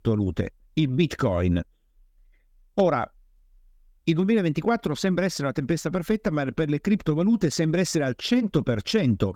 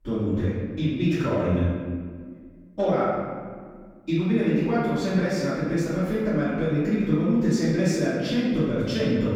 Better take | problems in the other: first | off-mic speech; far // room echo; strong; dies away in 1.6 s

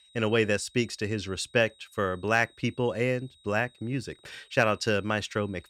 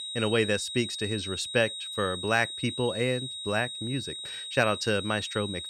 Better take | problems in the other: first | high-pitched whine; loud; throughout; 4 kHz, 6 dB below the speech; faint in the first

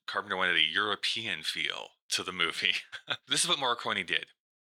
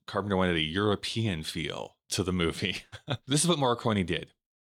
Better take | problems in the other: second | thin; very; fading below 850 Hz

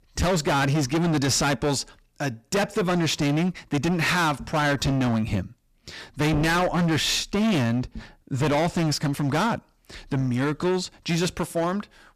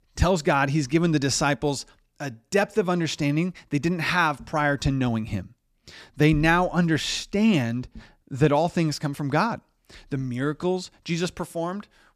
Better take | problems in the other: second | distortion; heavy; 23% of the sound clipped

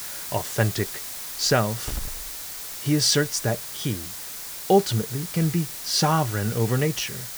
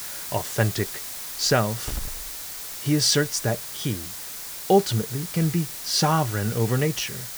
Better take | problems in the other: neither | hiss; loud; throughout; 8 dB below the speech; the same in both

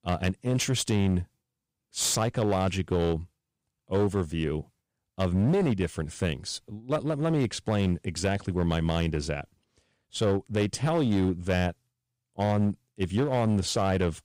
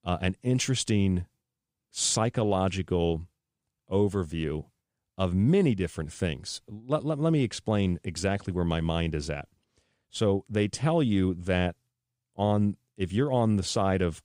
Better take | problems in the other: second | distortion; slight; 9% of the sound clipped

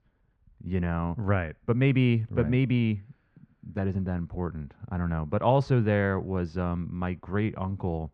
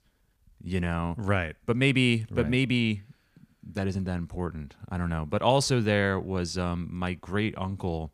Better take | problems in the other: second | muffled; very; fading above 1.5 kHz

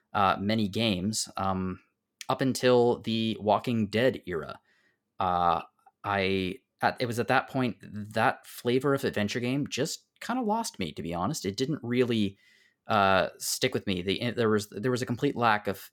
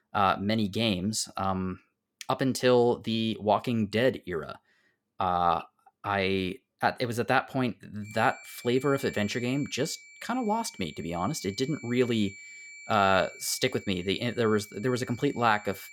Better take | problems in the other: first | high-pitched whine; noticeable; from 8 s on; 2.5 kHz, 20 dB below the speech

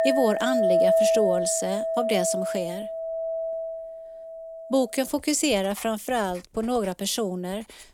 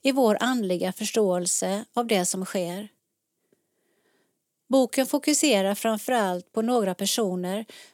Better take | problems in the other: second | household noises; very loud; throughout; 1 dB above the speech

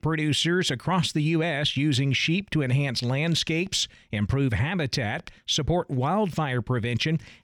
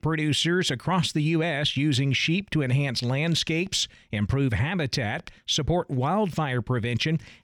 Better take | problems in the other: neither | none

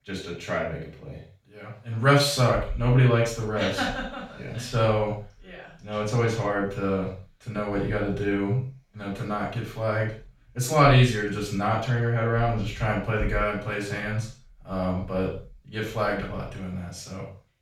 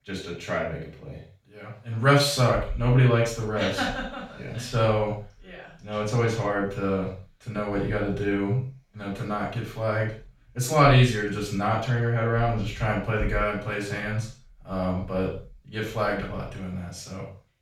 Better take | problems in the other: neither | room echo; noticeable; dies away in 0.4 s; the same in both // off-mic speech; far; the same in both

